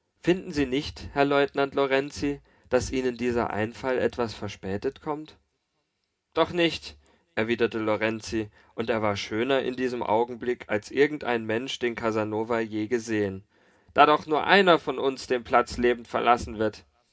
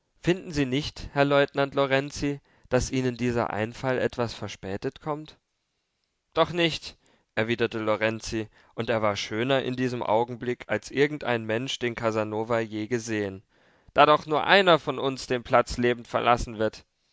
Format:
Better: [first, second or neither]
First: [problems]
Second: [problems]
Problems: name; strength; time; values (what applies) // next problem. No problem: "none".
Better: second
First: room echo; dies away in 0.3 s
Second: none